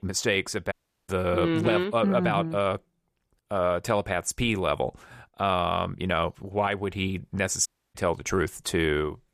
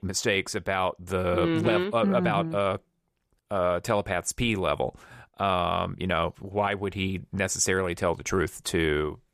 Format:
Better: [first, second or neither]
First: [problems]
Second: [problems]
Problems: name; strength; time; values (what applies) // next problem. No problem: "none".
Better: second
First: audio cutting out; at 0.5 s and at 7.5 s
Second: none